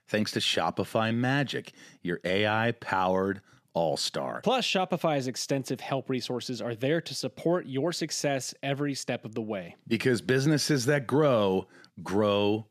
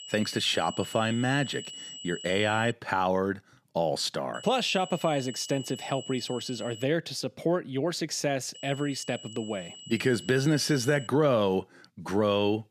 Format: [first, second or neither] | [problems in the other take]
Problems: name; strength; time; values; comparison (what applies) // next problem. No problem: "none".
first | high-pitched whine; noticeable; until 2.5 s, from 4.5 to 7 s and from 8.5 to 11 s; 3 kHz, 15 dB below the speech